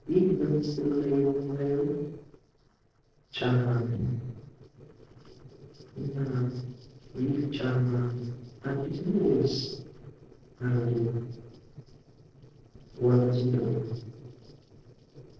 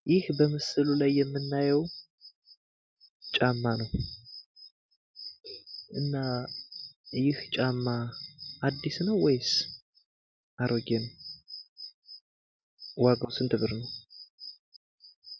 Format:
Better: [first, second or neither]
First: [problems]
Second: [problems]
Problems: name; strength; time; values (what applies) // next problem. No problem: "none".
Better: second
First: noise reduction (neural separator model SepFormer DNS4)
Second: none